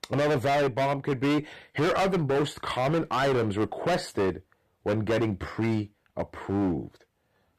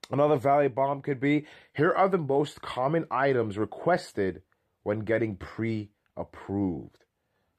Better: second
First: distortion; heavy; 20% of the sound clipped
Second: none

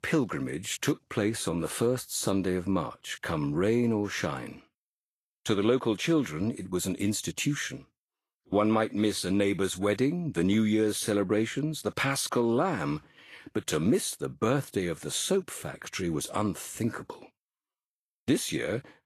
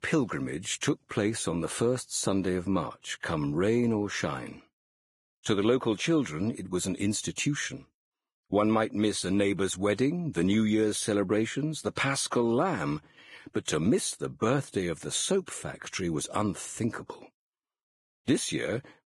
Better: first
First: garbled, watery; slightly; nothing above 12.5 kHz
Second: garbled, watery; badly; nothing above 10.5 kHz

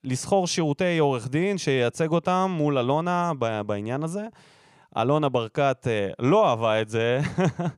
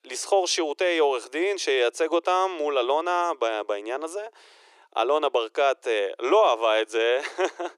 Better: first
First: none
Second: thin; very; fading below 350 Hz

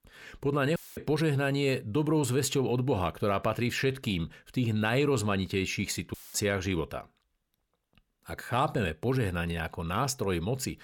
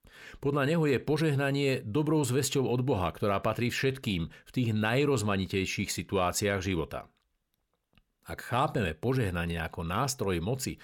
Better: second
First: audio cutting out; filled with static; at 1 s and at 6 s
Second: none

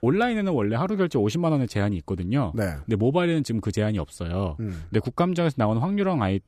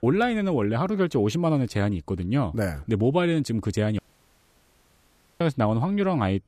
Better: first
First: none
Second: audio cutting out; at 4 s for 1.5 s

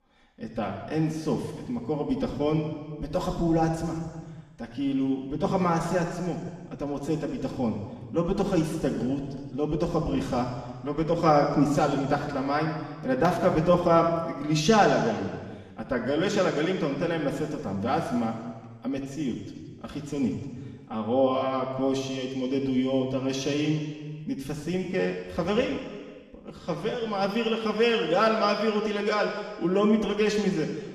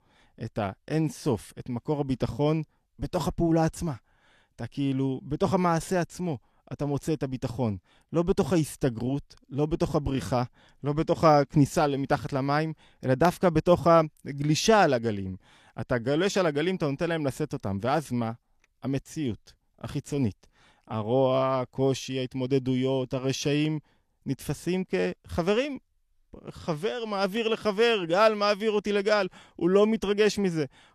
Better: second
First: room echo; noticeable; dies away in 1.5 s // off-mic speech; far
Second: none

